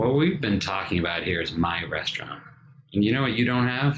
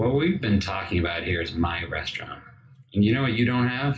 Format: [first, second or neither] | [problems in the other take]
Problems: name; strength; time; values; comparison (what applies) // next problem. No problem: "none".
first | room echo; dies away in 0.4 s